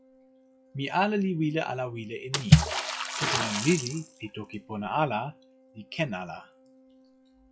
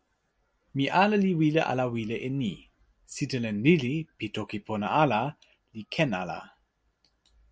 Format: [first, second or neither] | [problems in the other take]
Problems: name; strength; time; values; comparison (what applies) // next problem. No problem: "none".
second | noise reduction (classical method log-MMSE)